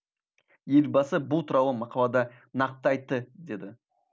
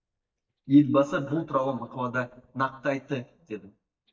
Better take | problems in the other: first | noise reduction (neural mask model DeepFilterNet 3)

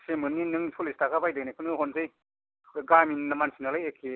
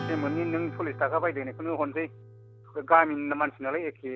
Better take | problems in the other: first | background sound (Acoustic guitar / Strum); 13 dB below the speech

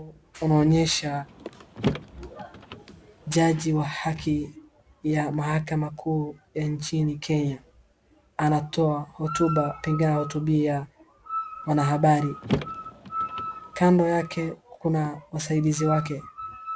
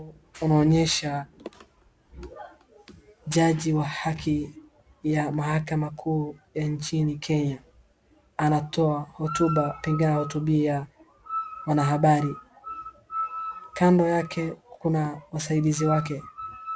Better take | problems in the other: second | background sound (Car); 10 dB below the speech

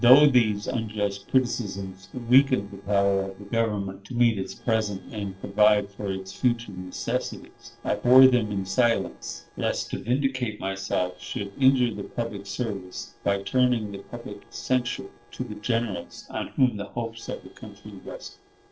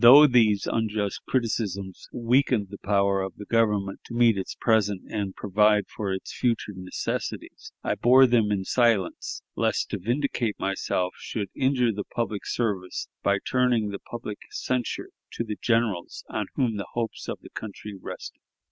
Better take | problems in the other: second | noise reduction (neural separator model SepFormer DNS4)

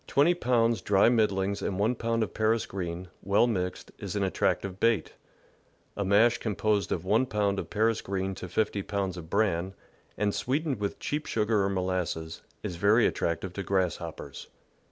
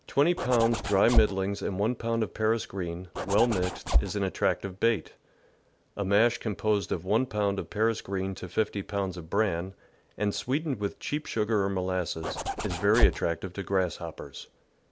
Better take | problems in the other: first | background sound (Zipper (clothing)); 1 dB above the speech

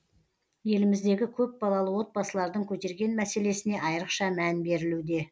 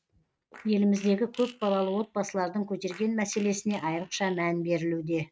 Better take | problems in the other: first | noise reduction (neural mask model RNNoise)

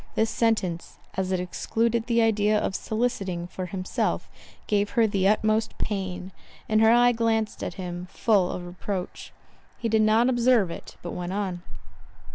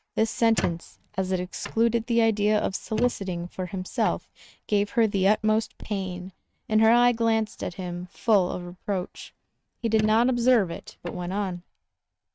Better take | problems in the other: first | noise reduction (neural mask model RNNoise)

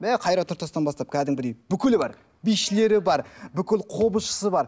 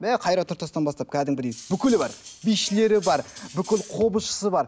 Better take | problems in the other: first | background sound (Cutlery, silverware); 17 dB below the speech

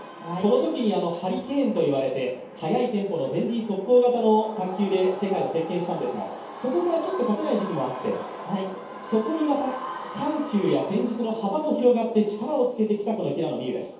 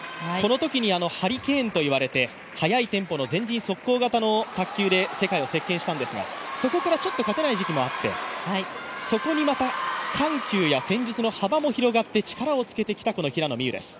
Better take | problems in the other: second | room echo; dies away in 0.7 s

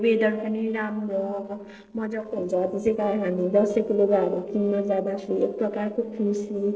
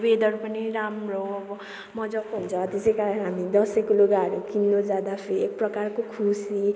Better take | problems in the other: second | noise reduction (neural separator model SepFormer DNS4)

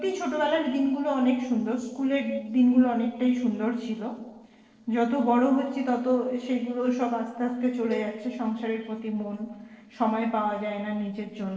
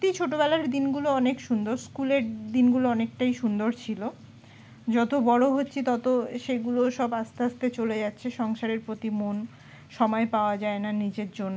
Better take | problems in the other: second | noise reduction (neural separator model SepFormer DNS4)

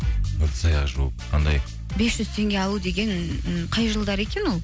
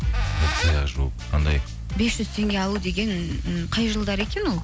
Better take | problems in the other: first | background sound (Squeak); 13 dB below the speech

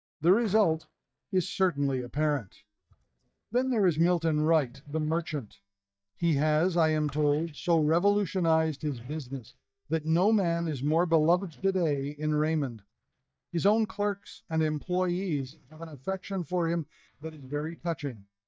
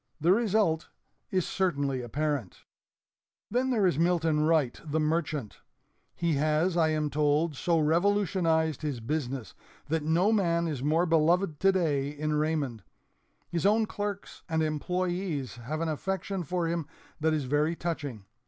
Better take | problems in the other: second | noise reduction (neural mask model DeepFilterNet 3)

